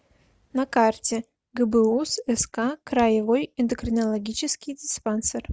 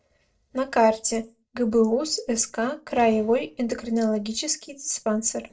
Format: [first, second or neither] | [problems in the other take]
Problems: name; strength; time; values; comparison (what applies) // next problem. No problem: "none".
first | noise reduction (neural separator model SepFormer DNS4)